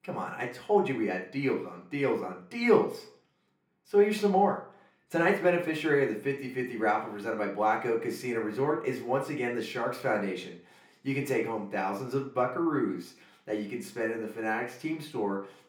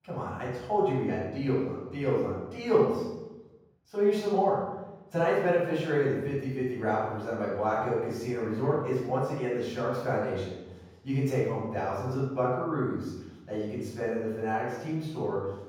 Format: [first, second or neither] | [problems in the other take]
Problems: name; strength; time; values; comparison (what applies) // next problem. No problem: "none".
first | room echo; strong; dies away in 1.3 s; slight in the first // off-mic speech; far; far in the first